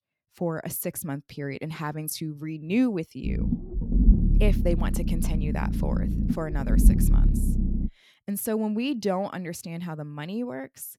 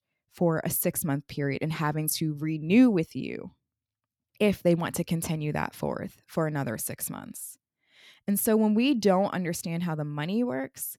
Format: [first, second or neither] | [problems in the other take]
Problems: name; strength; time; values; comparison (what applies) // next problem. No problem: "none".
second | low rumble; loud; from 3 to 8 s; 4 dB below the speech